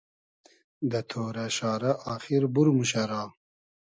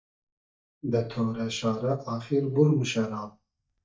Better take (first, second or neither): first